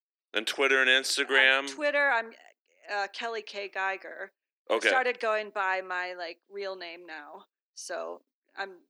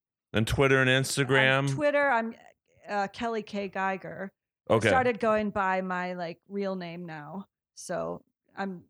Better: second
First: thin; somewhat; fading below 300 Hz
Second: none

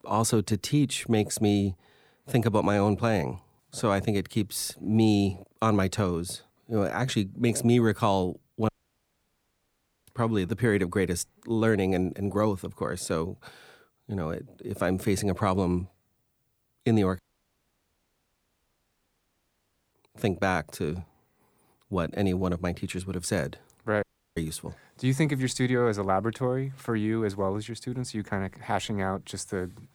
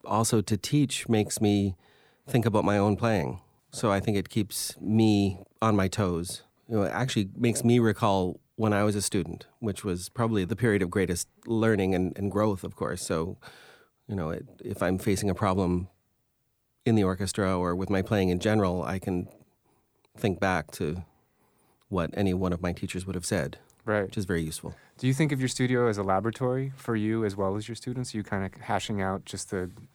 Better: second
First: audio cutting out; at 8.5 s for 1.5 s, at 17 s for 3 s and at 24 s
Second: none

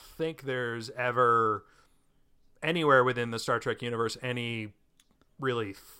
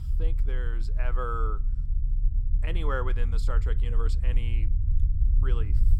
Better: first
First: none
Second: low rumble; noticeable; throughout; 10 dB below the speech

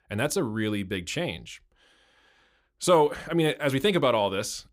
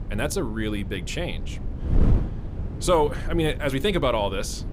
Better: first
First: none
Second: wind noise on the microphone; occasional gusts; 15 dB below the speech

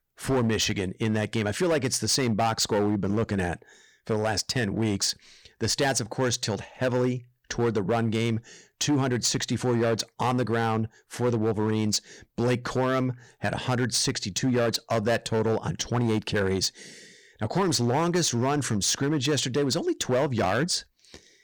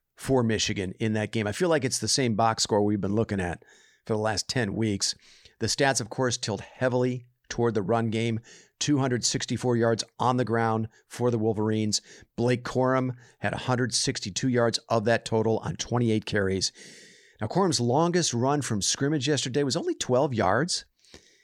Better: second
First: distortion; slight; 9% of the sound clipped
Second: none

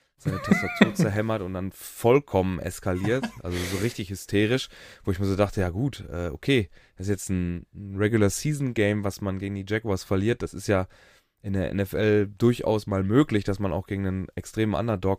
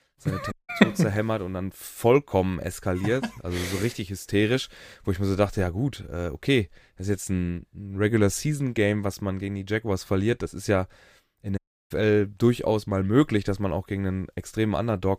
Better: first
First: none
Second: audio cutting out; at 0.5 s and at 12 s

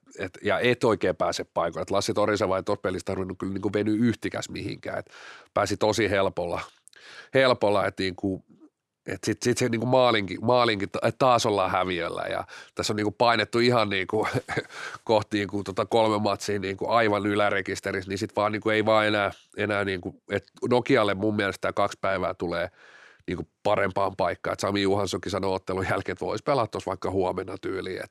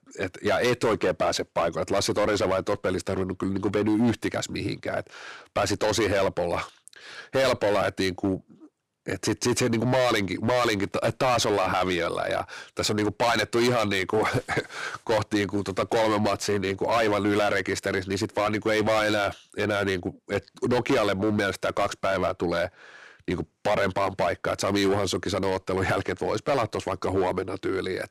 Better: first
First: none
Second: distortion; heavy; 10% of the sound clipped

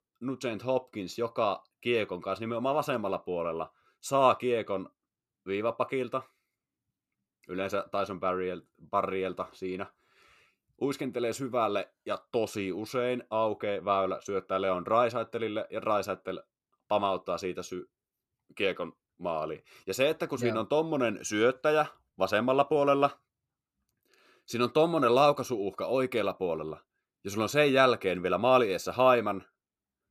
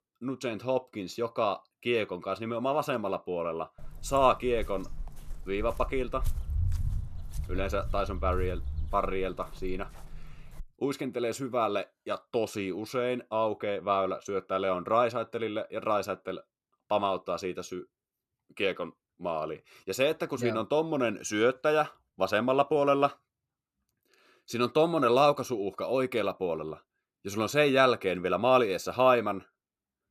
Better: first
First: none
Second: footsteps; noticeable; from 4 to 11 s; peak 2 dB below the speech

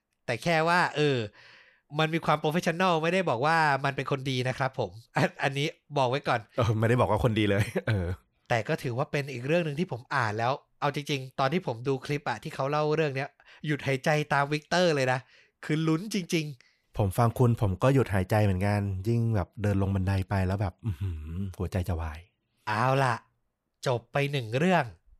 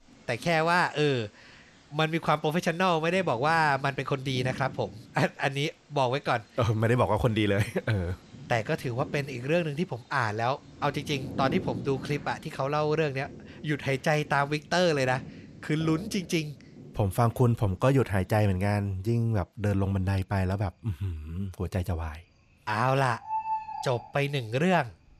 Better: first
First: none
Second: animal sounds; noticeable; throughout; 15 dB below the speech

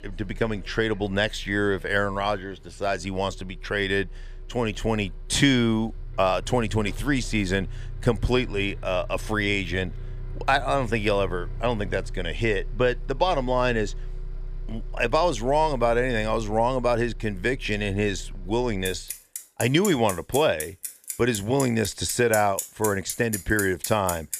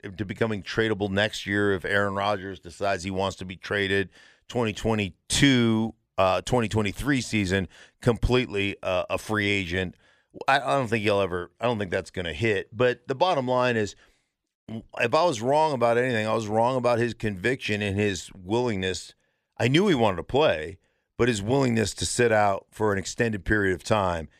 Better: second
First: traffic noise; noticeable; throughout; 15 dB below the speech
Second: none

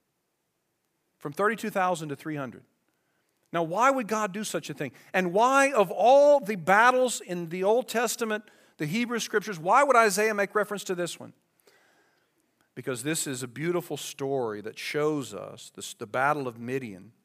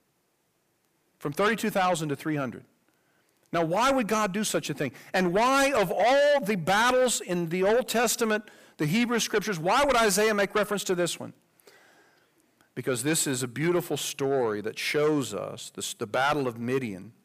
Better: first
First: none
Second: distortion; heavy; 6 dB below the speech

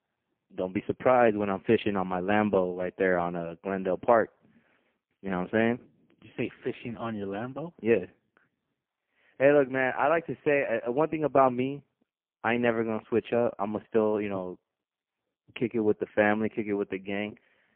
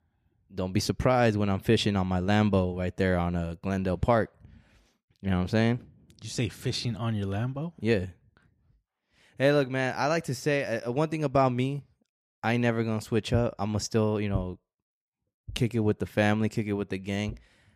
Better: second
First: phone-call audio; poor line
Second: none

